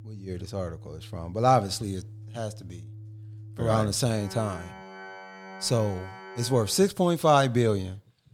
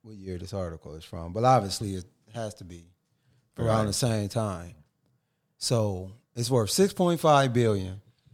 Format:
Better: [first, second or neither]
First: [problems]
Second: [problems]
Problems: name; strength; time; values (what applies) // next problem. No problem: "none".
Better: second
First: background music; noticeable; until 6.5 s; 20 dB below the speech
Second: none